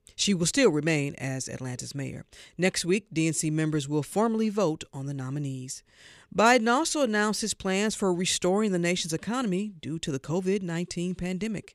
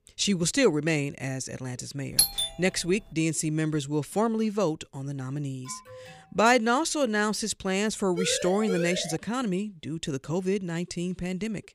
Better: first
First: none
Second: doorbell; loud; at 2 s; peak 5 dB above the speech // alarm; faint; at 5.5 s; peak 15 dB below the speech // siren; noticeable; from 8 to 9 s; peak 5 dB below the speech

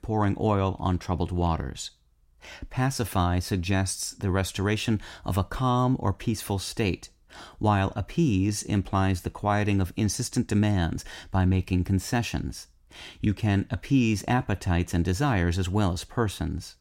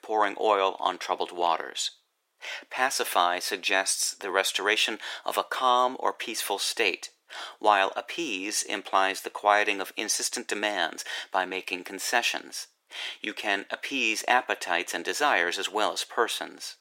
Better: first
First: none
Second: thin; very; fading below 450 Hz

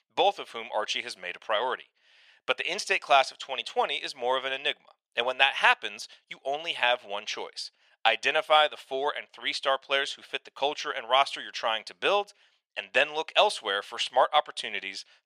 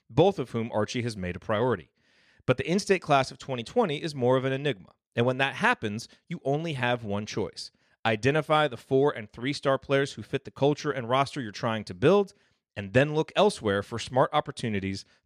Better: second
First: thin; very; fading below 800 Hz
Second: none

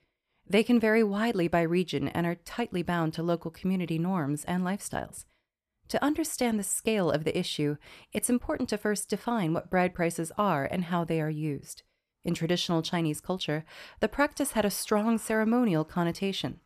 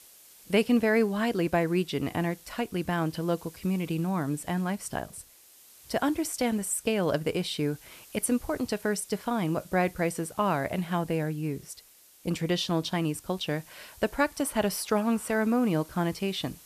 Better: first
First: none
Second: hiss; faint; throughout; 20 dB below the speech

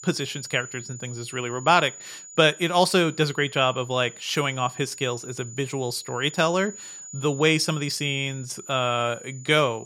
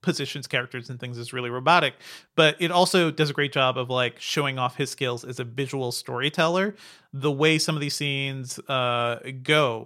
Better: second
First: high-pitched whine; noticeable; throughout; 7 kHz, 15 dB below the speech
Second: none

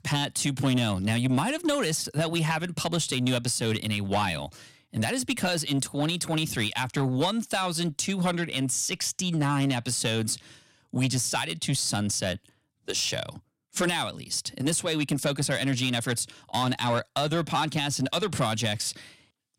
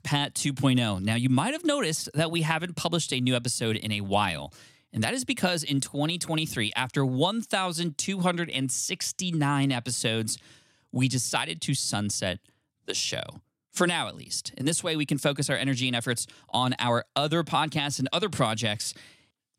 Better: second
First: distortion; slight; 10 dB below the speech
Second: none

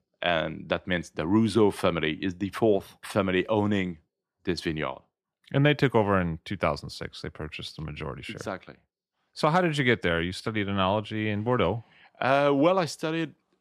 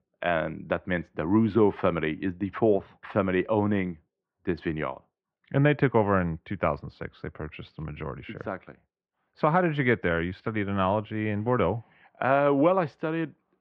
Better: first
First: none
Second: muffled; very; fading above 2 kHz

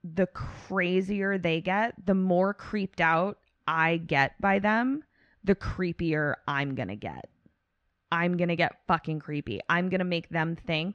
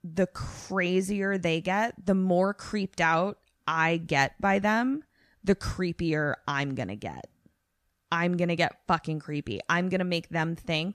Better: second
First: muffled; slightly; fading above 3 kHz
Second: none

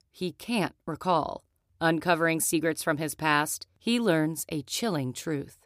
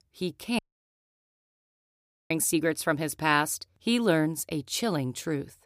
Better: first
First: none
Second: audio cutting out; at 0.5 s for 1.5 s

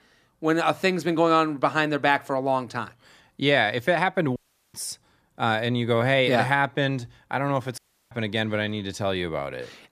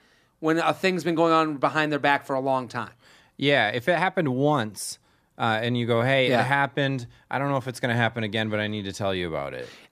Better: second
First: audio cutting out; at 4.5 s and at 8 s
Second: none

